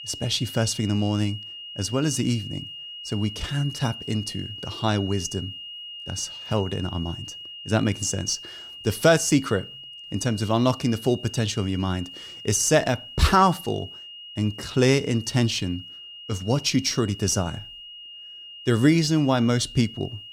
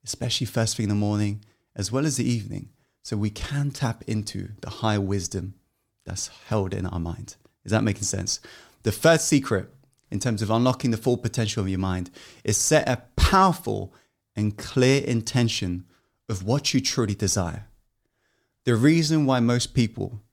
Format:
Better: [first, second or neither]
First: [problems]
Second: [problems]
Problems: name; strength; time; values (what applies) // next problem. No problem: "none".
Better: second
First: high-pitched whine; noticeable; throughout; 3 kHz, 15 dB below the speech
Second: none